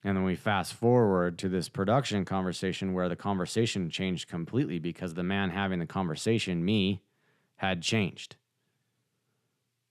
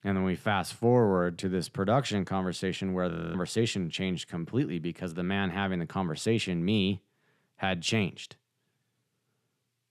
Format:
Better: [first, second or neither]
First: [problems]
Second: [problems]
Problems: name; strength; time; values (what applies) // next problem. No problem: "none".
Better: first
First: none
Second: audio freezing; at 3 s